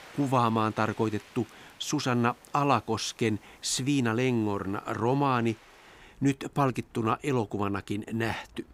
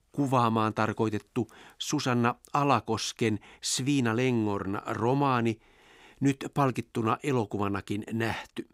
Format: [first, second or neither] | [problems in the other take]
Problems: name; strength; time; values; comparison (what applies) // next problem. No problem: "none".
second | rain or running water; faint; throughout; 25 dB below the speech